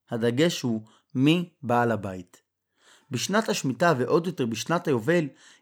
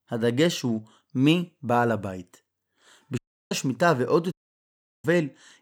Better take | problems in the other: first | audio cutting out; at 3 s and at 4.5 s for 0.5 s

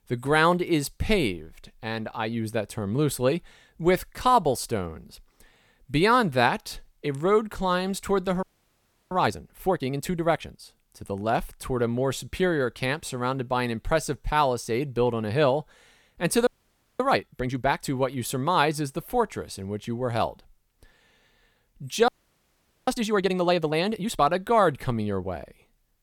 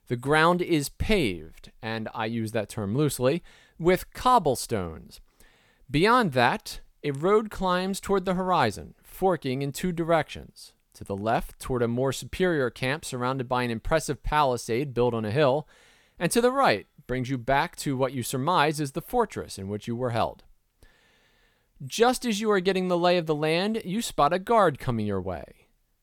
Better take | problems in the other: second | audio freezing; at 8.5 s for 0.5 s, at 16 s for 0.5 s and at 22 s for 1 s

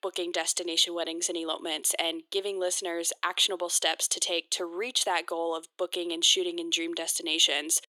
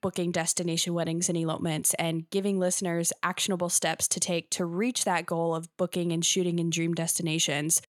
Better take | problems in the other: second | thin; very; fading below 350 Hz

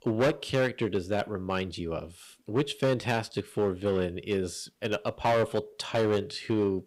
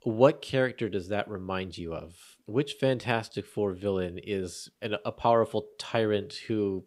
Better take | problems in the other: second | distortion; heavy; 7% of the sound clipped

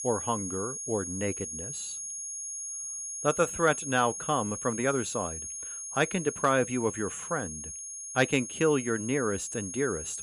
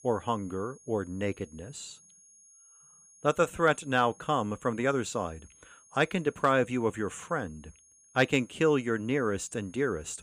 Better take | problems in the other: second | high-pitched whine; loud; throughout; 6.5 kHz, 6 dB below the speech; faint in the second

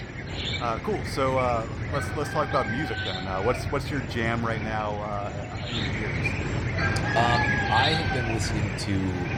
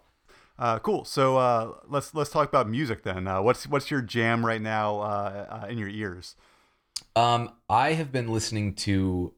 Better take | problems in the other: second | animal sounds; very loud; throughout; 1 dB above the speech

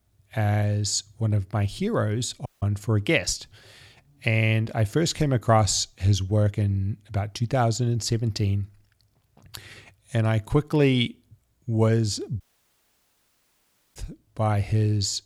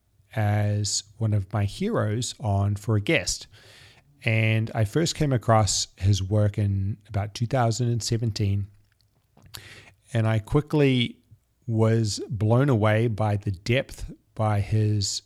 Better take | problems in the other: second | audio cutting out; at 2.5 s and at 12 s for 1.5 s

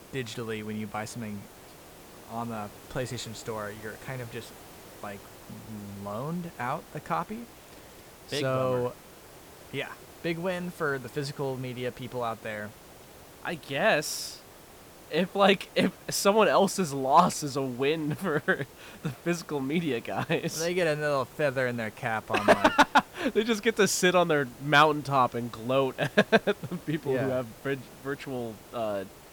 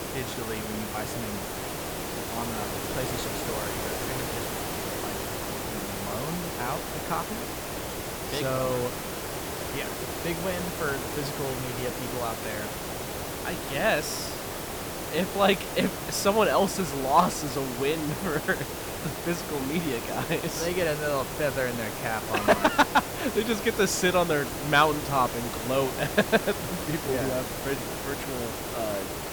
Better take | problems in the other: first | hiss; loud; throughout; 4 dB below the speech; faint in the first

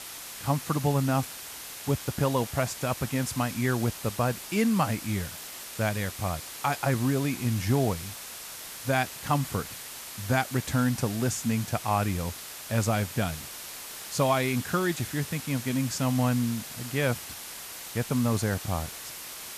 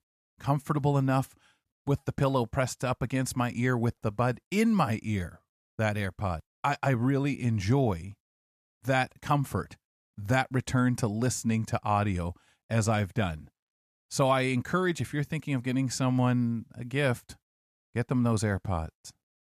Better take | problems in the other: second | hiss; loud; throughout; 9 dB below the speech

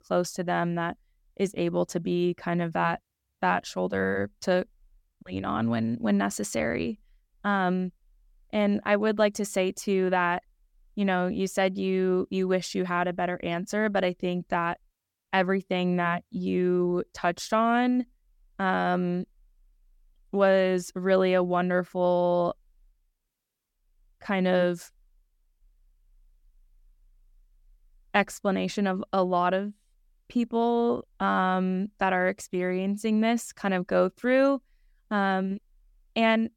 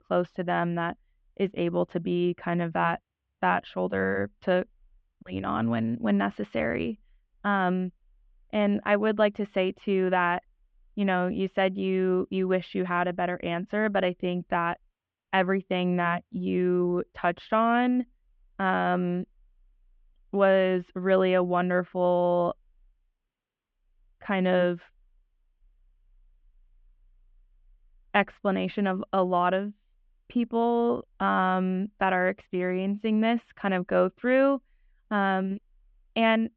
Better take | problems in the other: first | muffled; very; fading above 3 kHz

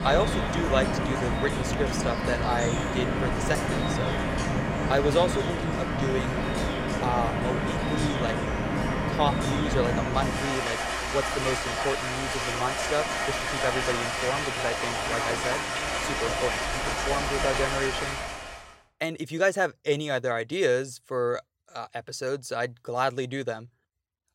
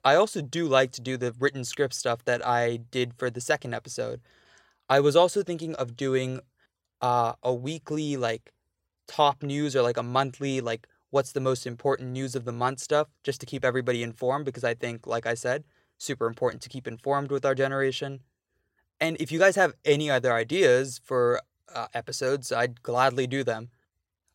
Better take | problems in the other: second | rain or running water; very loud; until 18 s; 2 dB above the speech

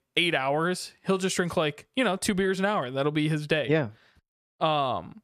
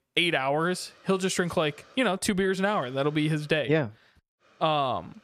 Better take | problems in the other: first | hiss; faint; from 0.5 to 2 s, at 2.5 s and at 4.5 s; 30 dB below the speech

